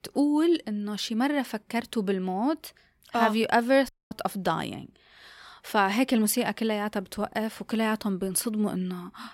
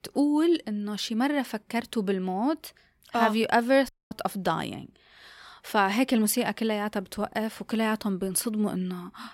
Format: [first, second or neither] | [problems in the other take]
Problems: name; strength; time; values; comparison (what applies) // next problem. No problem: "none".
neither | audio cutting out; at 4 s; the same in both